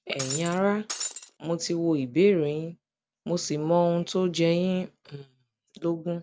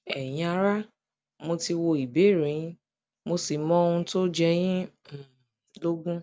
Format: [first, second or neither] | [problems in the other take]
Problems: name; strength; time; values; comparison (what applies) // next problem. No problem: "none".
second | background sound (Shatter); 7 dB below the speech